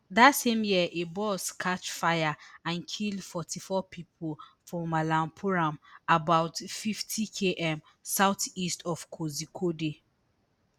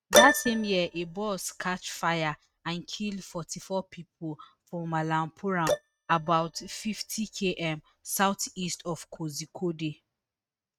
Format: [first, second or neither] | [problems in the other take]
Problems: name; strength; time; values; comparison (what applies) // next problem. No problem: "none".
first | noise reduction (neural mask model RNNoise)